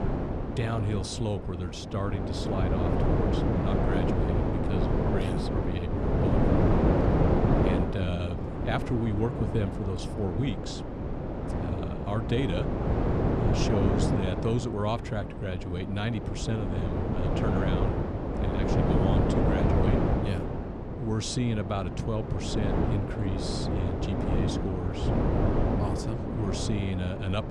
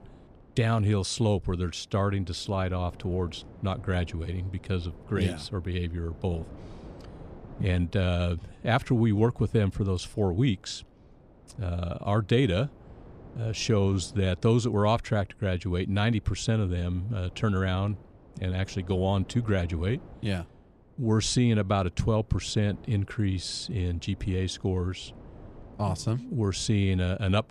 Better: second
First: wind noise on the microphone; heavy; 3 dB above the speech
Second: wind noise on the microphone; occasional gusts; 25 dB below the speech

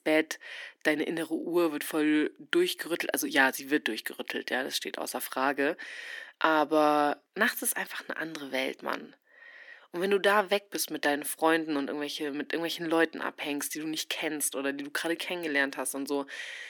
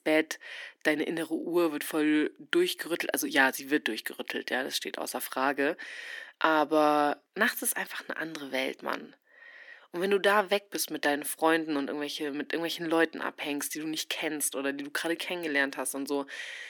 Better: neither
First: thin; somewhat; fading below 300 Hz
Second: thin; somewhat; fading below 300 Hz

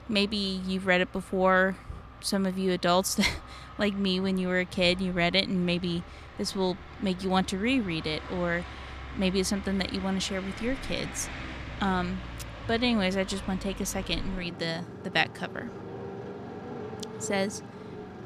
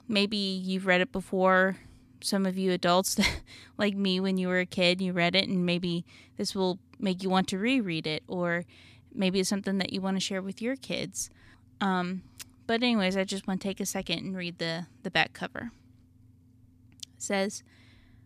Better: second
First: traffic noise; noticeable; throughout; 15 dB below the speech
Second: none

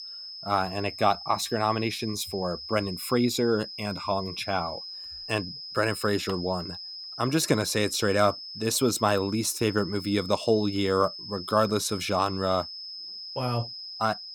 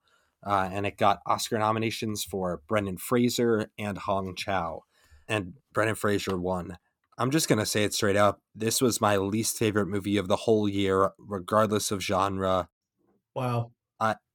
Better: second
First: high-pitched whine; loud; throughout; 5 kHz, 10 dB below the speech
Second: none

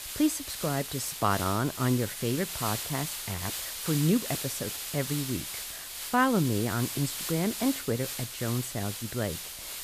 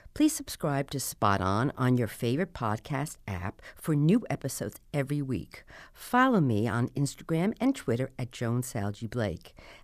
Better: second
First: hiss; loud; throughout; 4 dB below the speech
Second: none

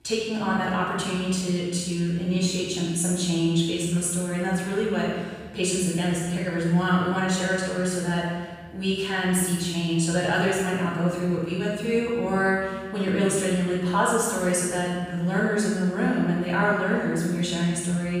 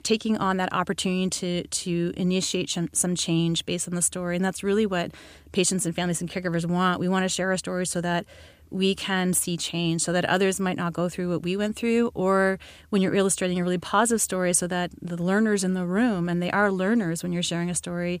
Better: second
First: off-mic speech; far // room echo; strong; dies away in 1.4 s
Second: none

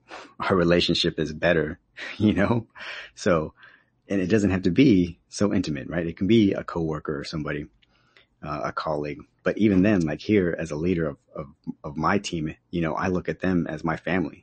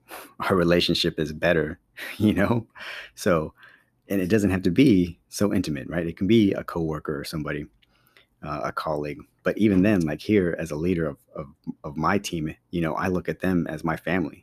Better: second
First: garbled, watery; slightly; nothing above 8 kHz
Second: none

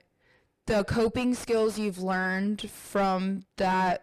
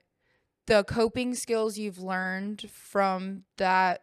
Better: second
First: distortion; heavy; 5 dB below the speech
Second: none

